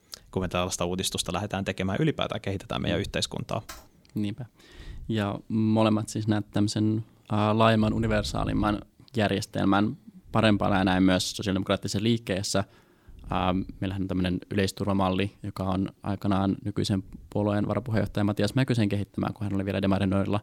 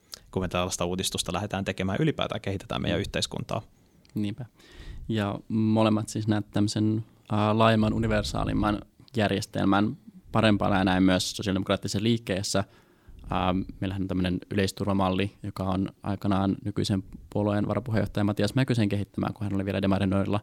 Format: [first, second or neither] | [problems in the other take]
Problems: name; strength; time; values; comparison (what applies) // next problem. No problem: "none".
second | keyboard typing; faint; at 3.5 s; peak 20 dB below the speech